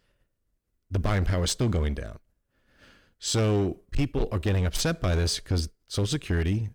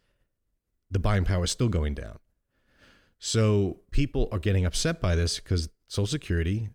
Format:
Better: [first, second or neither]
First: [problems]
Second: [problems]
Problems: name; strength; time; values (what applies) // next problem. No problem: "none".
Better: second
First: distortion; slight; 11% of the sound clipped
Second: none